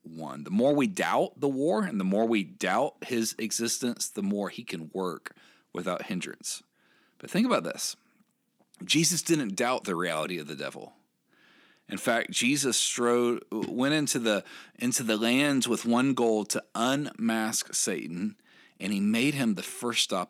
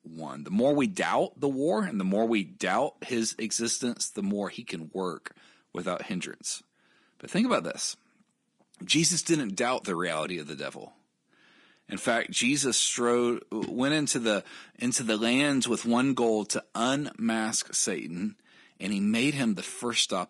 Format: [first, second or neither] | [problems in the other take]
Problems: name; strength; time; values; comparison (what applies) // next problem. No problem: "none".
first | garbled, watery; slightly; nothing above 10.5 kHz